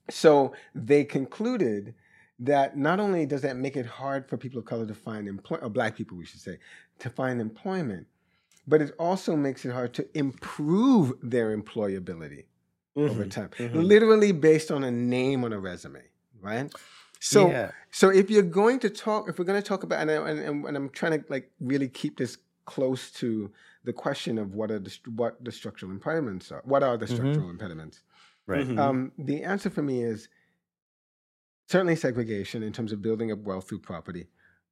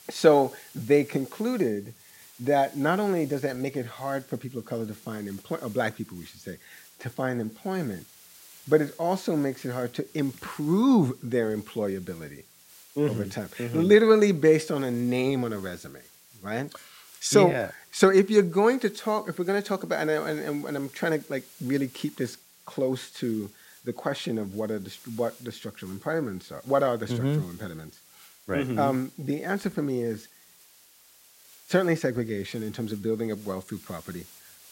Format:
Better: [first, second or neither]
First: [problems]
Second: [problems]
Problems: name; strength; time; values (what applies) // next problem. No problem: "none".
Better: first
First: none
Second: hiss; faint; throughout; 25 dB below the speech